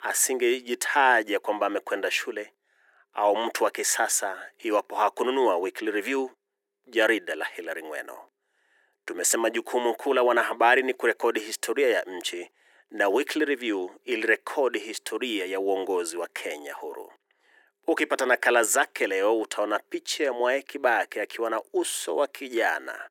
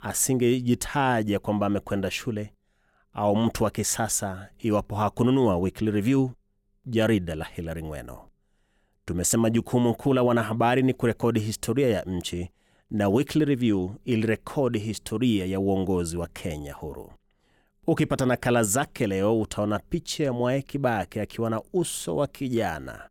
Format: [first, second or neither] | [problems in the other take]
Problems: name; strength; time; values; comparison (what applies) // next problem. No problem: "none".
second | thin; very; fading below 350 Hz